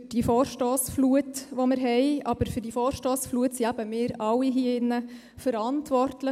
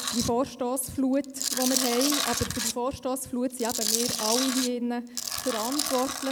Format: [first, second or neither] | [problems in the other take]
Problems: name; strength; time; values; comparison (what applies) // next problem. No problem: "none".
first | background sound (Tools); 3 dB below the speech